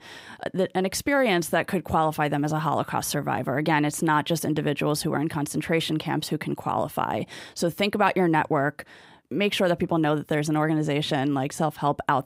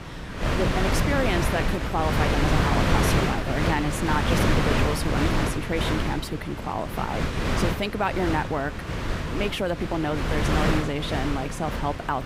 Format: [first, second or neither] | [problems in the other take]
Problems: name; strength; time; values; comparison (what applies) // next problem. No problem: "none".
first | wind noise on the microphone; heavy; 1 dB above the speech